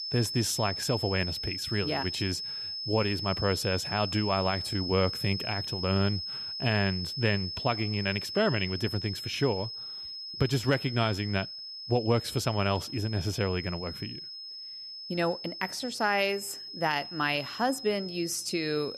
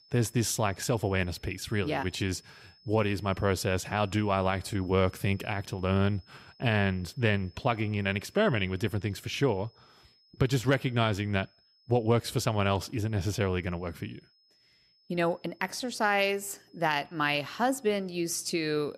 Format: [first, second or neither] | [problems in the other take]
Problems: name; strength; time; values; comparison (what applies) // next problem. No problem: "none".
second | high-pitched whine; loud; throughout; 5 kHz, 6 dB below the speech; faint in the second